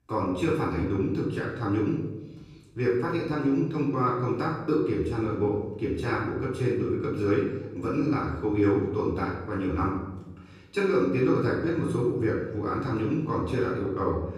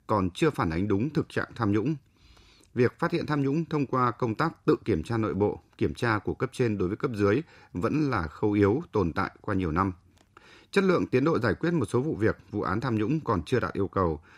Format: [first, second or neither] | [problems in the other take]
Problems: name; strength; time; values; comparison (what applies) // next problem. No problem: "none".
second | room echo; noticeable; dies away in 0.9 s // off-mic speech; far